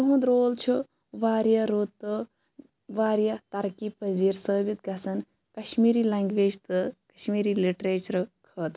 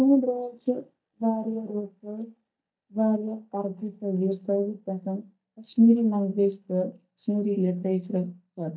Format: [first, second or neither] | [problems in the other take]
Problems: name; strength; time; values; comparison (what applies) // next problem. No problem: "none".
first | noise reduction (neural mask model DeepFilterNet 3)